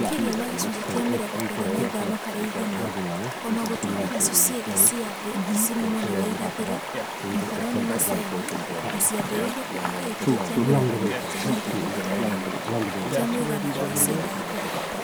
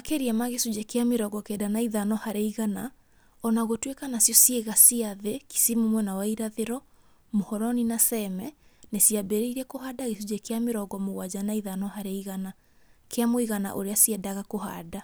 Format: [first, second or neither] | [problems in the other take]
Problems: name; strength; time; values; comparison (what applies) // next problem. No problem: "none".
second | background sound (Chatter / Stream); 2 dB above the speech